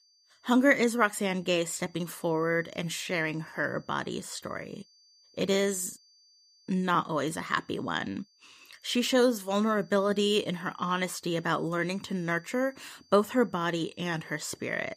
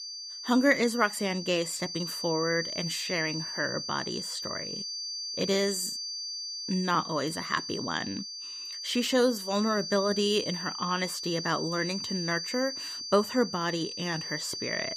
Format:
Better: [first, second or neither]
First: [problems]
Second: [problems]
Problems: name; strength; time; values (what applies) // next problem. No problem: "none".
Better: first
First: high-pitched whine; faint; throughout; 4.5 kHz, 30 dB below the speech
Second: high-pitched whine; loud; throughout; 4.5 kHz, 5 dB below the speech